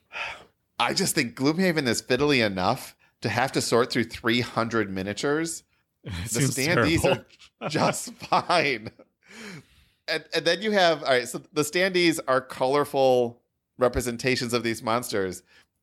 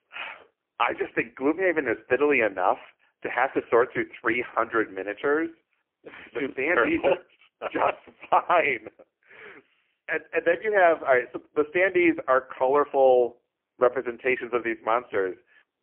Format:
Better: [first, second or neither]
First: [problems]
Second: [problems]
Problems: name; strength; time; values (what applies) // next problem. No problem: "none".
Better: first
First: none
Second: phone-call audio; poor line